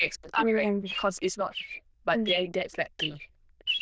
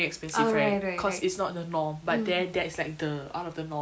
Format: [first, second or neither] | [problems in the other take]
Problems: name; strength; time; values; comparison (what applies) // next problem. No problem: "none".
second | noise reduction (neural diffusion model UNIVERSE++)